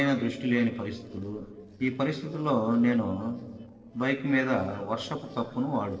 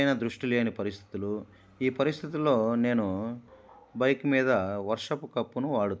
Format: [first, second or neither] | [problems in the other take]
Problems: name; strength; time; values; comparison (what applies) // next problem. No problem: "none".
second | noise reduction (neural separator model SepFormer DNS4)